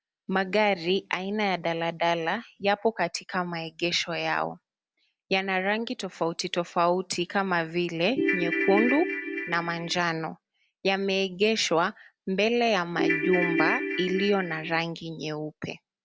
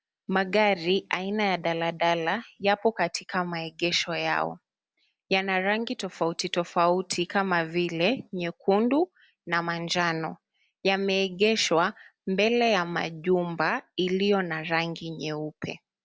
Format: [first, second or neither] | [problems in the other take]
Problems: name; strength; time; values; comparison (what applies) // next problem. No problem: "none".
second | background sound (Ringtone / Keyboard (musical)); 1 dB below the speech